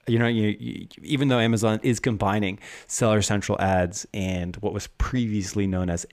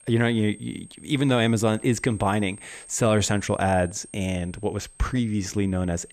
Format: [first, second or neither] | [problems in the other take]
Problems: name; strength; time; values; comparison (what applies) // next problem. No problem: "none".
first | high-pitched whine; faint; throughout; 8.5 kHz, 20 dB below the speech